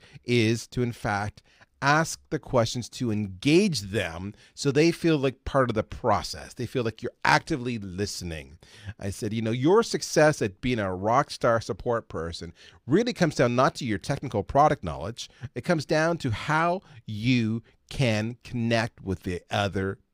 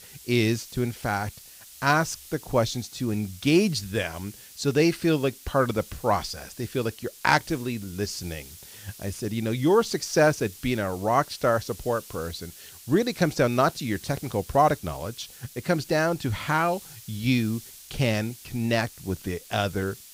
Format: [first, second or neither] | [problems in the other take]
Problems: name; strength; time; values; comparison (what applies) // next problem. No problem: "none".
first | hiss; noticeable; throughout; 20 dB below the speech